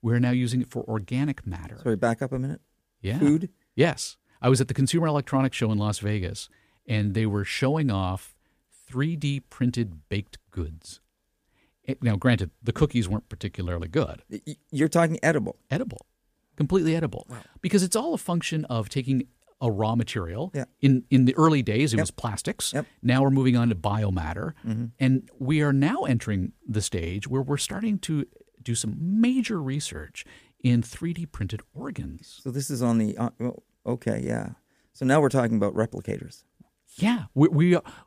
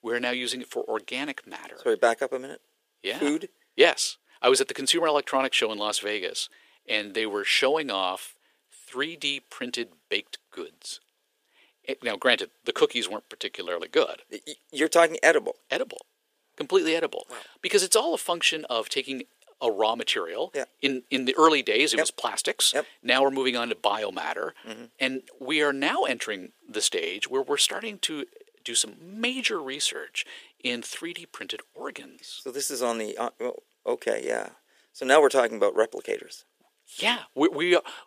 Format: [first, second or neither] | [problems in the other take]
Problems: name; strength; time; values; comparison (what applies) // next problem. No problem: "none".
first | thin; very; fading below 400 Hz